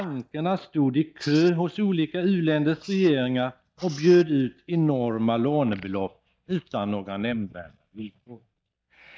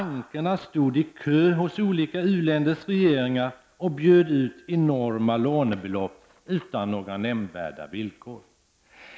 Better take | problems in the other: second | noise reduction (neural mask model DeepFilterNet 3)

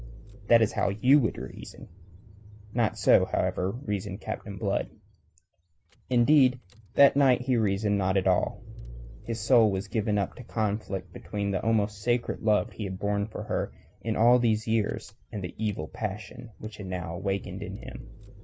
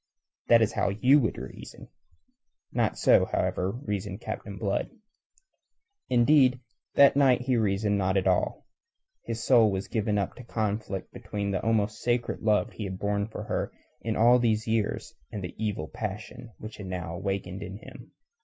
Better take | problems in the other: second | background sound (Engine / Car); 19 dB below the speech

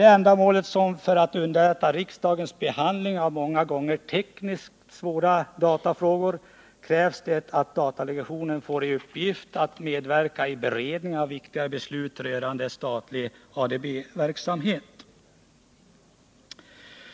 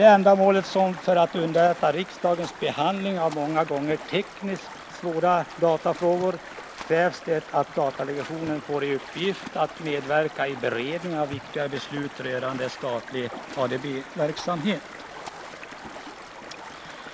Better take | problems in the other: first | background sound (Stream); 15 dB below the speech

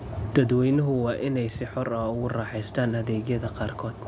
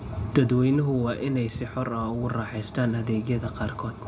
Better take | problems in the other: first | room echo; dies away in 1 s

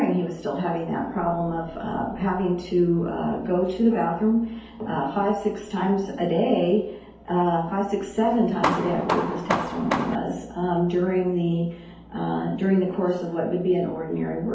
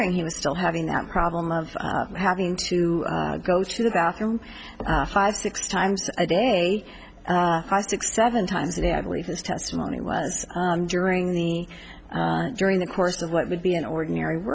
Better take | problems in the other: second | background sound (Hammer); 4 dB below the speech // room echo; dies away in 2.2 s

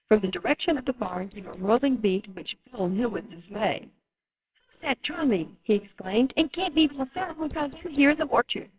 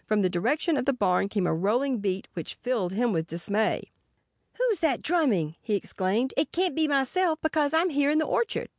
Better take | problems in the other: second | noise reduction (neural separator model SepFormer WHAMR!)

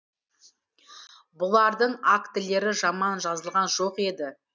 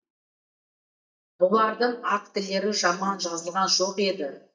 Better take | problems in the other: first | noise reduction (neural mask model DeepFilterNet 3)

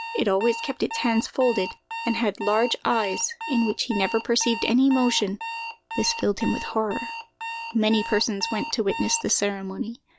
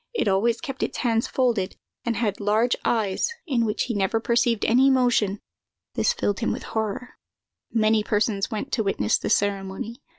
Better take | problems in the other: second | background sound (Alarm); 10 dB below the speech

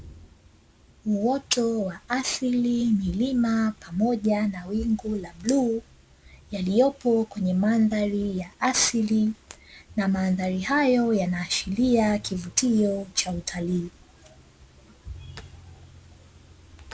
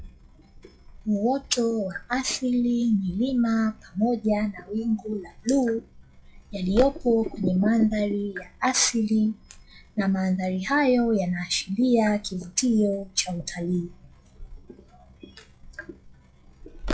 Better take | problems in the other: first | noise reduction (classical method log-MMSE)

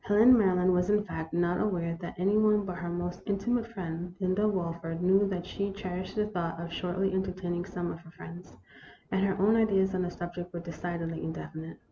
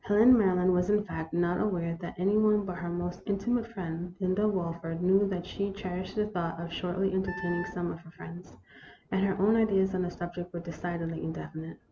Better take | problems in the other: first | background sound (Wind instrument, woodwind instrument); 12 dB below the speech

